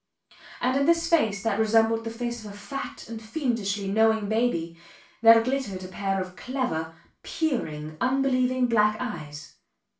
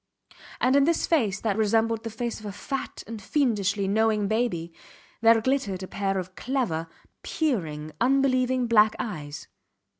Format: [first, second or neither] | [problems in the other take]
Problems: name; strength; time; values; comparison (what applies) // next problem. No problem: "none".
second | room echo; dies away in 0.3 s